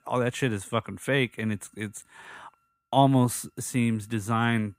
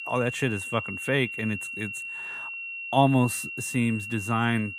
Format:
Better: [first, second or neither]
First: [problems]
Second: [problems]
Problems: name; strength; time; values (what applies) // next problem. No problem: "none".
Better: first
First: none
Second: high-pitched whine; loud; throughout; 2.5 kHz, 7 dB below the speech